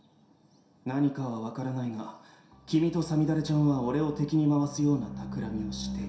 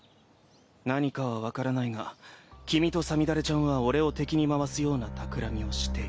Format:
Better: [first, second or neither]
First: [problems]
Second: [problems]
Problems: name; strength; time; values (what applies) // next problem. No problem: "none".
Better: second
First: room echo; dies away in 0.7 s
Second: none